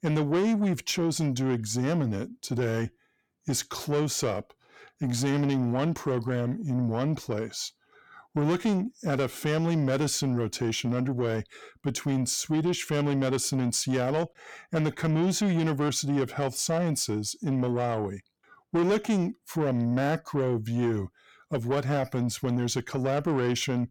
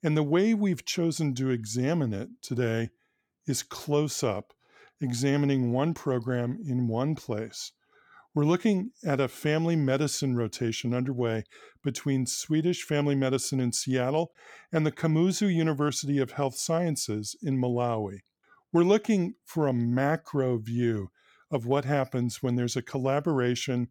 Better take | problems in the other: second | distortion; slight; 10 dB below the speech

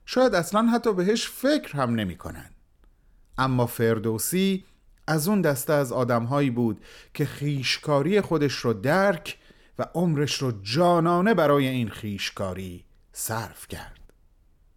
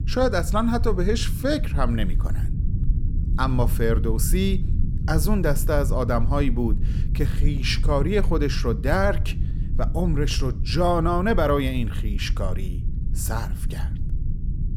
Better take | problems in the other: first | low rumble; noticeable; throughout; 15 dB below the speech

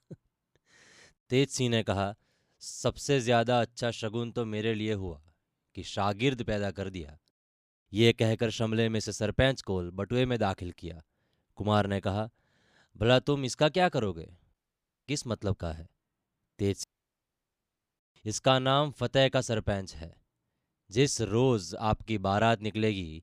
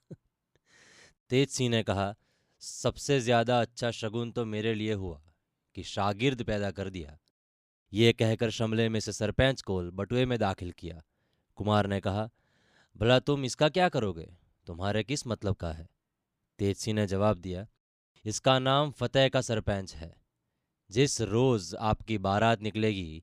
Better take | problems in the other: second | audio cutting out; at 15 s for 0.5 s and at 17 s for 1 s

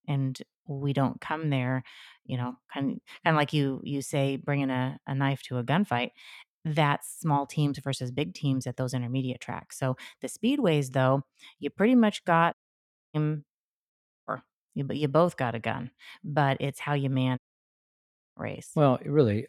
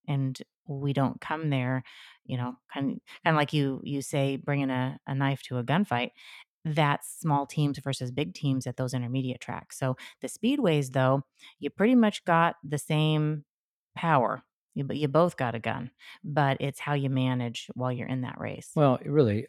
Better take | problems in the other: second | audio cutting out; at 13 s for 0.5 s, at 14 s and at 17 s for 1 s

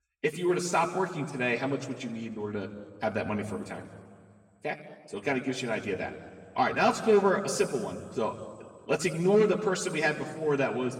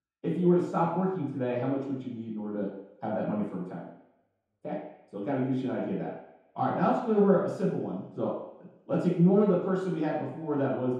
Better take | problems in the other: first | room echo; strong; dies away in 0.8 s; slight in the first // off-mic speech; far; somewhat distant in the first

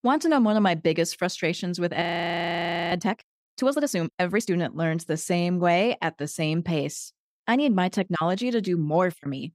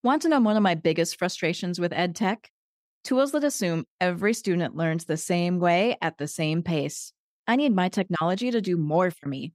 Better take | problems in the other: second | audio freezing; at 2 s for 1 s

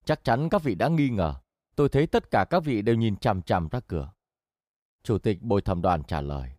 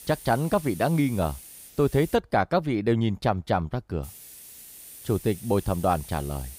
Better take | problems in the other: first | hiss; noticeable; until 2 s and from 4 s on; 15 dB below the speech

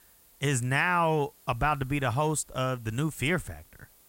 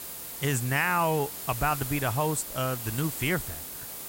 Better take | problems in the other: first | hiss; loud; throughout; 7 dB below the speech; faint in the first

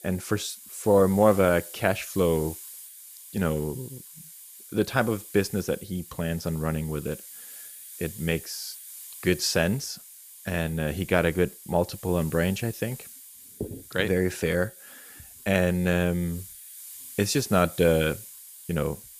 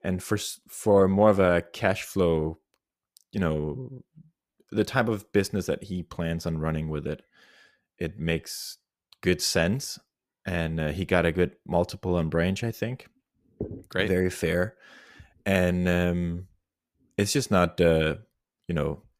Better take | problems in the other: second | hiss; noticeable; throughout; 15 dB below the speech

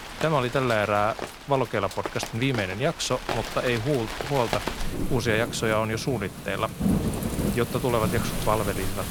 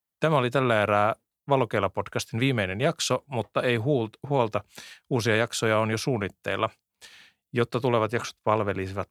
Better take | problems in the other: second | rain or running water; loud; throughout; 5 dB below the speech

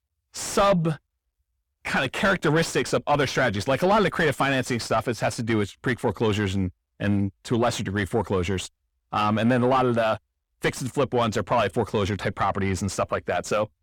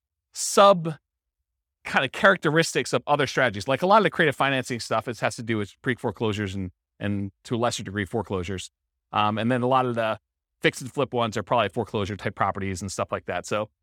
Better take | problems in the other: second | distortion; heavy; 5 dB below the speech

